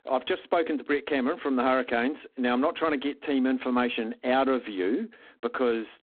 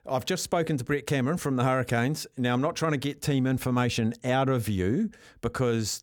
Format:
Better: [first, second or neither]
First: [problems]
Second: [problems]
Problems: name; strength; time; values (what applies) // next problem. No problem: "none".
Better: second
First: phone-call audio; poor line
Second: none